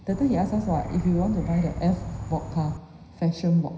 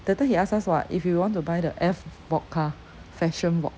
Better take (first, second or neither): second